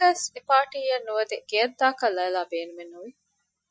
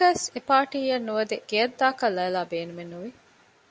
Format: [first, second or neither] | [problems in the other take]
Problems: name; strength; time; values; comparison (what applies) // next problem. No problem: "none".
second | noise reduction (classical method Wiener filter)